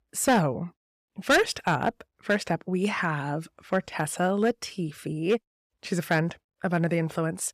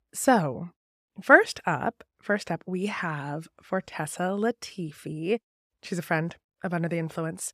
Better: second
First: distortion; heavy; 3% of the sound clipped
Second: none

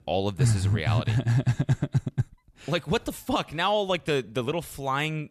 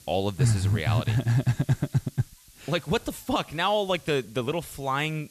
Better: first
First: none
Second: hiss; faint; throughout; 25 dB below the speech

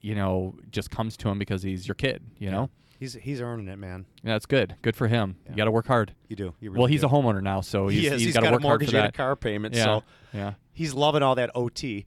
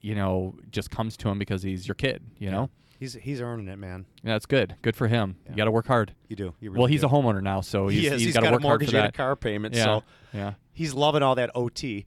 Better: neither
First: none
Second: none

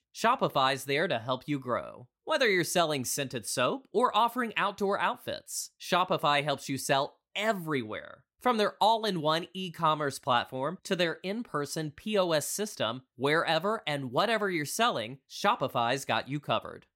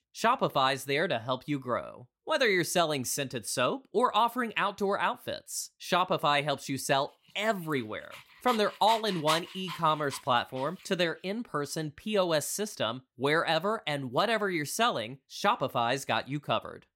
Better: first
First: none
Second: dog barking; noticeable; from 8 to 11 s; peak 4 dB below the speech

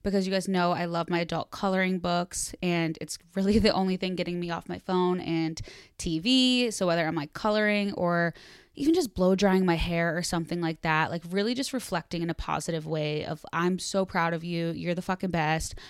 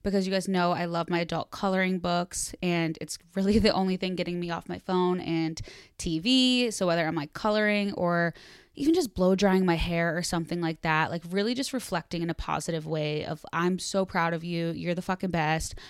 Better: neither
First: none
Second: none

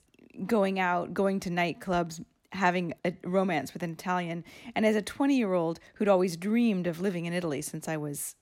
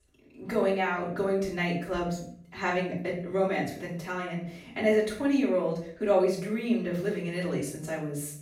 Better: first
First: none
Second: off-mic speech; far // room echo; noticeable; dies away in 0.5 s

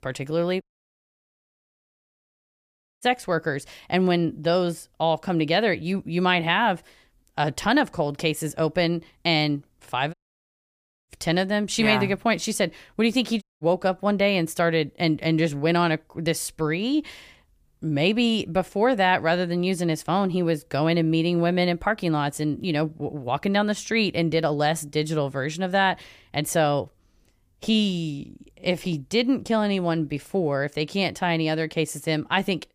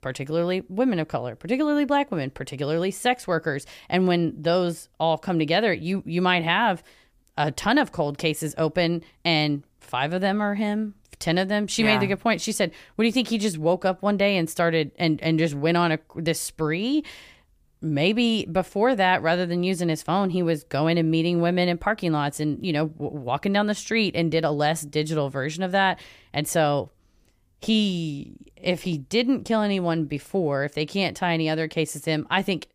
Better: second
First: audio cutting out; at 0.5 s for 2.5 s, at 10 s for 1 s and at 13 s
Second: none

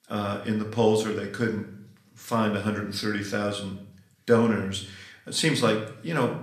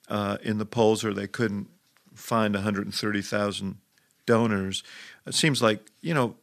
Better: second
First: room echo; slight; dies away in 0.5 s // off-mic speech; somewhat distant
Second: none

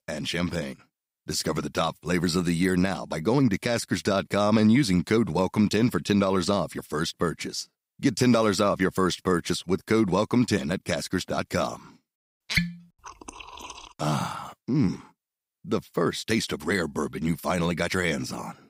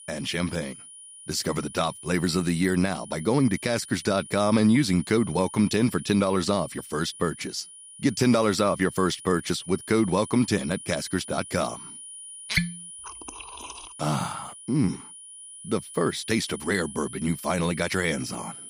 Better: first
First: none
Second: high-pitched whine; noticeable; throughout; 9.5 kHz, 15 dB below the speech

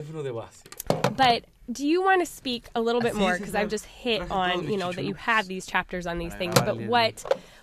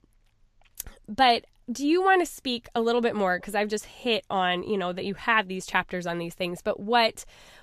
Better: second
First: phone ringing; loud; peak 2 dB above the speech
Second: none

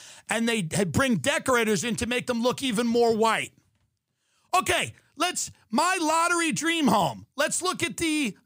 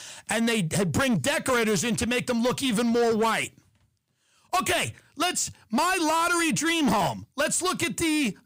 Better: first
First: none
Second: distortion; slight; 10 dB below the speech

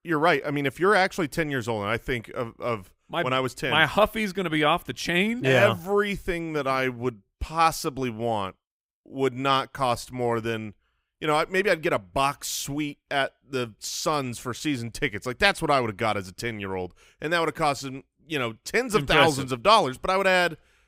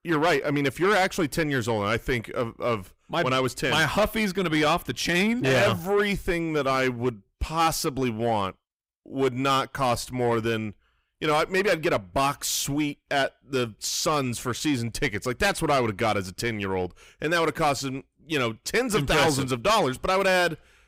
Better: first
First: none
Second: distortion; heavy; 8 dB below the speech

